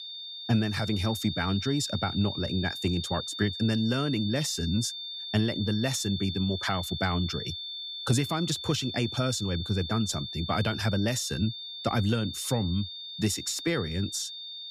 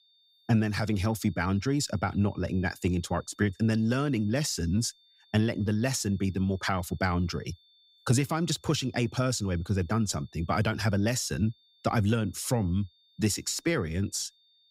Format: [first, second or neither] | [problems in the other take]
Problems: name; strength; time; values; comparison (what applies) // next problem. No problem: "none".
second | high-pitched whine; loud; throughout; 3.5 kHz, 6 dB below the speech; faint in the second